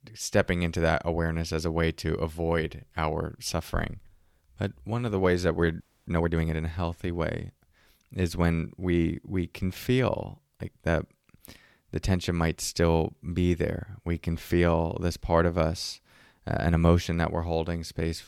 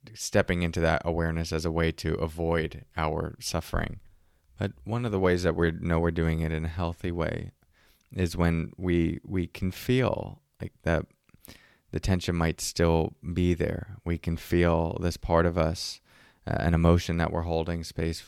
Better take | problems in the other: second | audio freezing; at 6 s

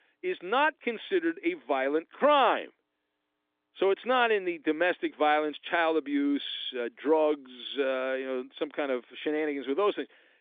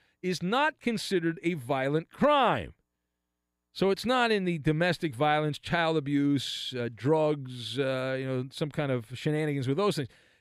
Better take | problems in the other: second | phone-call audio; nothing above 3.5 kHz

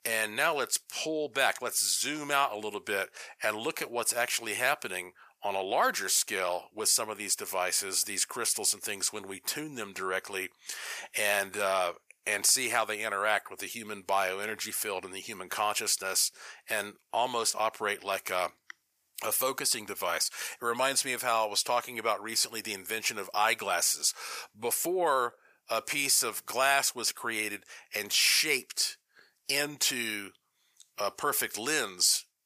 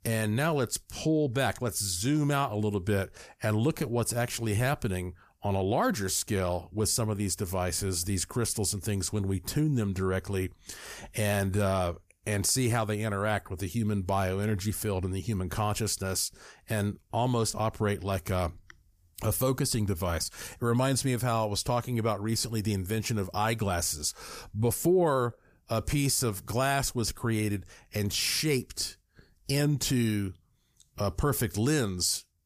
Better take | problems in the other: second | thin; very; fading below 650 Hz

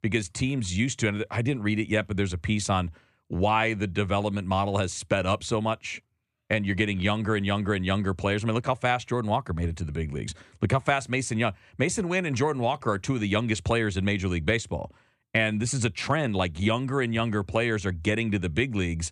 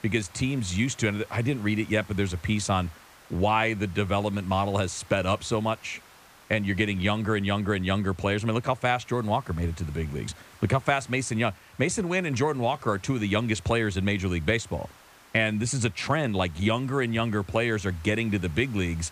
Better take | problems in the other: first | hiss; faint; throughout; 25 dB below the speech

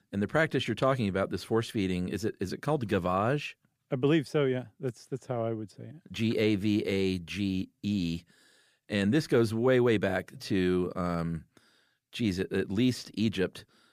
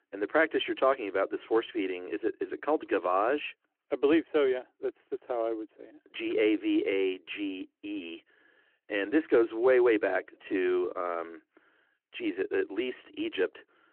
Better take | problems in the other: first | phone-call audio

